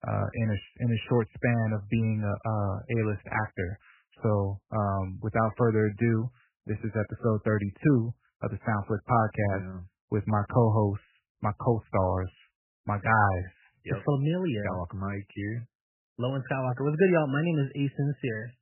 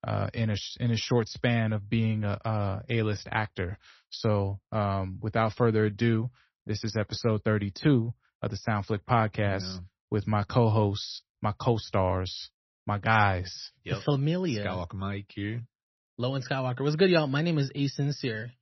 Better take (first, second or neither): second